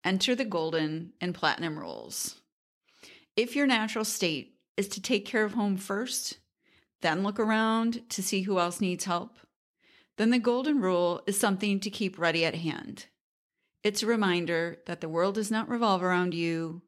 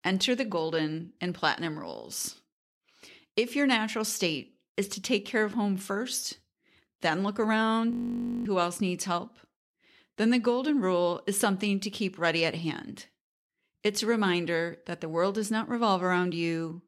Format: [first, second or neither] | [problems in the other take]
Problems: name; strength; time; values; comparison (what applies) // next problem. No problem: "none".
first | audio freezing; at 8 s for 0.5 s